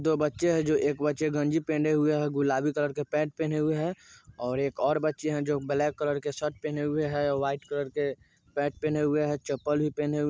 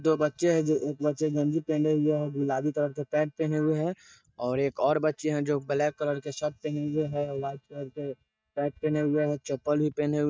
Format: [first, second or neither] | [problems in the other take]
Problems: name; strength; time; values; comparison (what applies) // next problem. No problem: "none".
first | noise reduction (neural mask model DeepFilterNet 3)